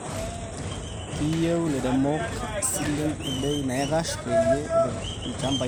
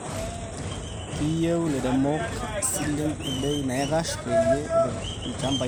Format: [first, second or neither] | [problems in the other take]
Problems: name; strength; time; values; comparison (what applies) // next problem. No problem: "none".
second | background sound (Gunshot, gunfire); 19 dB below the speech